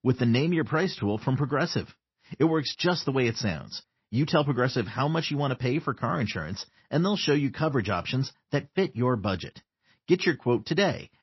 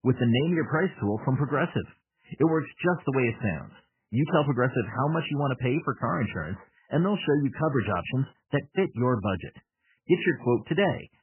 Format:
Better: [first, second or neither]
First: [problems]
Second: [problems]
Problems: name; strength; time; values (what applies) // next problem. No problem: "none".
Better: first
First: garbled, watery; slightly; nothing above 5.5 kHz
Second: garbled, watery; badly; nothing above 3 kHz